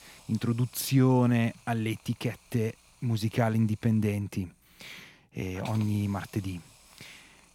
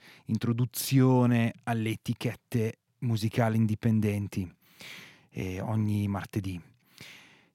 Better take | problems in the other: second | hiss; faint; throughout; 25 dB below the speech

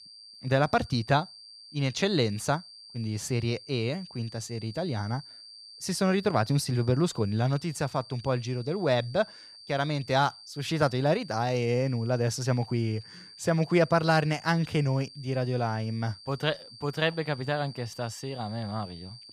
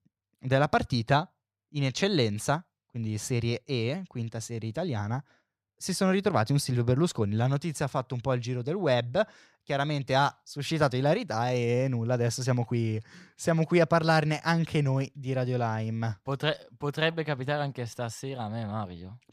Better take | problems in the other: second | high-pitched whine; noticeable; throughout; 4.5 kHz, 20 dB below the speech

